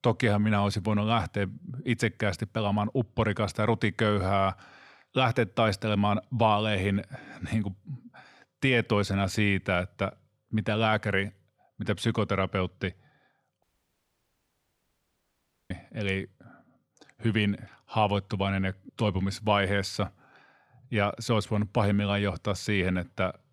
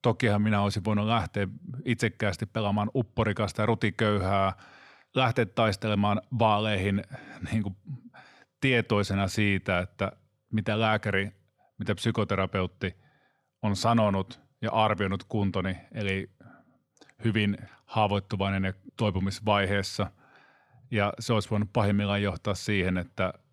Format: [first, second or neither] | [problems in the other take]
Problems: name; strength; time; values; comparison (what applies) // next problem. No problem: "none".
second | audio cutting out; at 14 s for 2 s